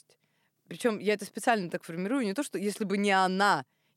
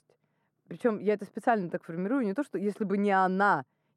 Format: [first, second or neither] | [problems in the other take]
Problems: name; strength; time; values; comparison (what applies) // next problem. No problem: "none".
first | muffled; very; fading above 2 kHz